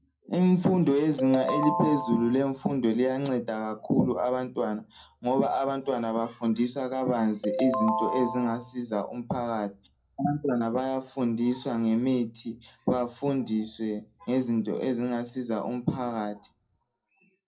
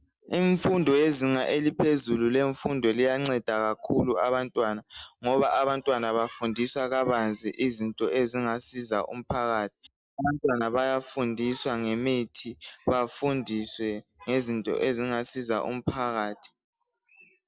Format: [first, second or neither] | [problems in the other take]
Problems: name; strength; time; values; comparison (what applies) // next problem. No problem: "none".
second | background sound (Ringtone); 4 dB below the speech // room echo; dies away in 0.2 s